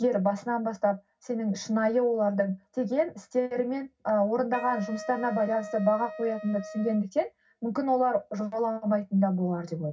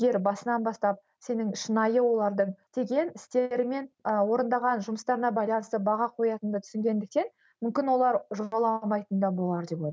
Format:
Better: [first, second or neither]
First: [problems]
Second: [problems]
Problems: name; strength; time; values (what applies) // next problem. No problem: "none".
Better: second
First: background sound (Wind instrument, woodwind instrument); 14 dB below the speech // room echo; dies away in 0.4 s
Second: none